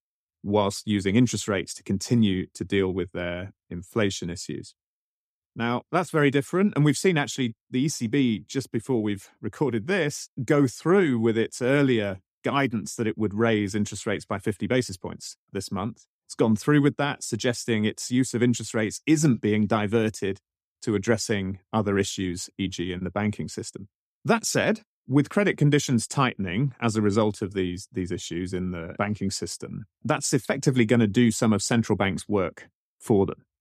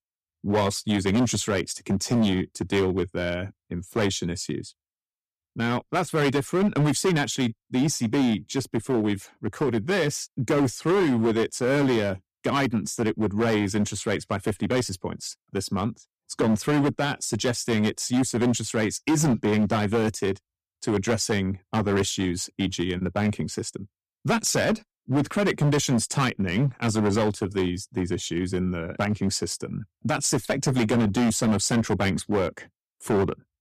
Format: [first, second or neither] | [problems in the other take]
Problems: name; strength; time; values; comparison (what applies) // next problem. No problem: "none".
first | distortion; heavy; 10% of the sound clipped